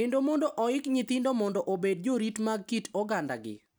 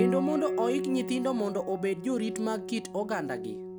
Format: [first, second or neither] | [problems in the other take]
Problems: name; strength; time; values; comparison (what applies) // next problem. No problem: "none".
first | background sound (Piano); 3 dB below the speech